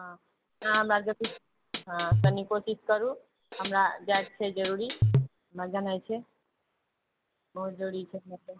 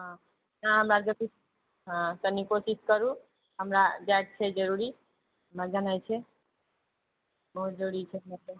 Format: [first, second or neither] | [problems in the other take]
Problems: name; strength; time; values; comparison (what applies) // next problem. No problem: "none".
second | background sound (Hi-hat); 1 dB above the speech